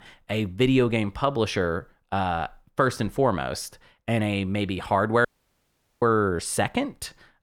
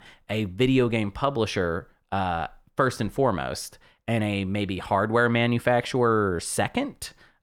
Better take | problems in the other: second | audio cutting out; at 5.5 s for 1 s

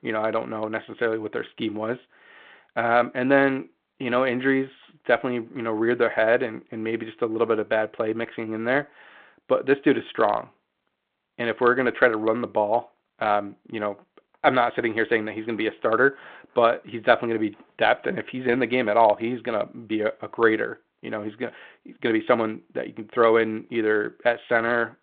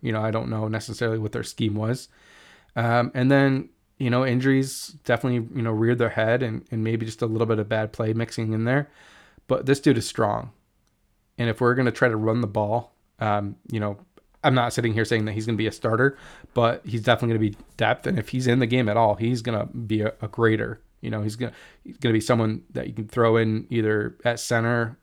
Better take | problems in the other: second | phone-call audio; nothing above 3.5 kHz

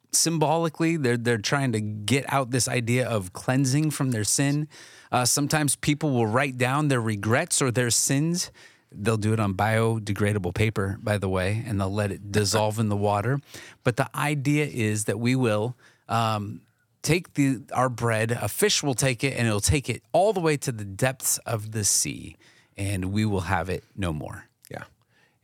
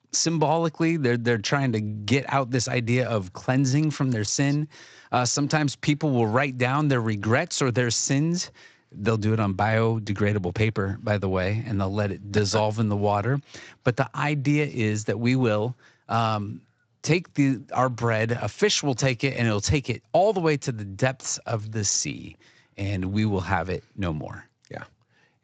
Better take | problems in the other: first | garbled, watery; slightly; nothing above 7.5 kHz

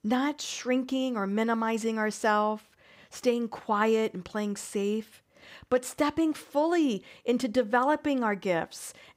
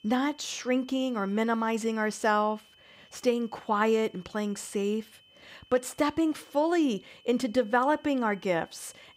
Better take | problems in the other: first | high-pitched whine; faint; throughout; 3 kHz, 30 dB below the speech

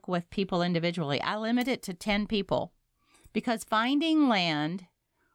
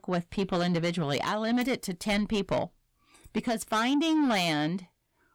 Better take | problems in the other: first | distortion; slight; 10 dB below the speech

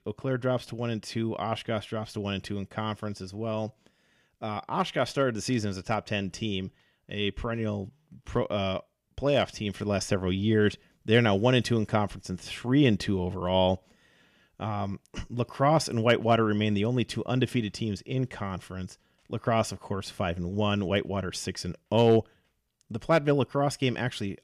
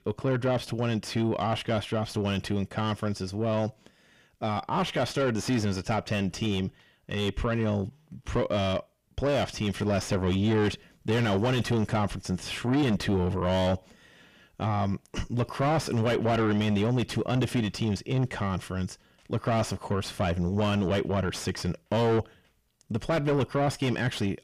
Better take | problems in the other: first | distortion; heavy; 6 dB below the speech

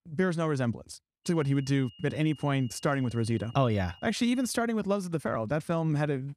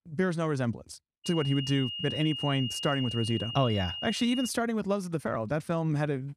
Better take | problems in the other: first | high-pitched whine; loud; from 1.5 to 4.5 s; 3 kHz, 5 dB below the speech; faint in the first

